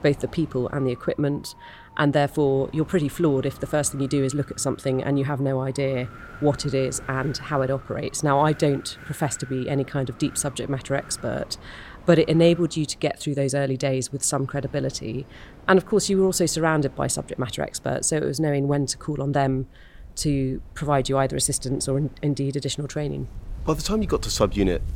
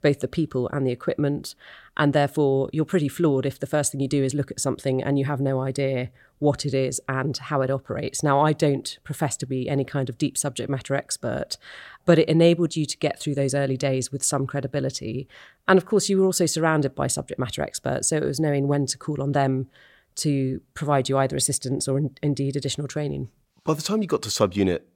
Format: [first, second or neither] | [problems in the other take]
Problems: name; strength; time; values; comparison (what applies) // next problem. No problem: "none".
second | wind in the background; noticeable; throughout; 20 dB below the speech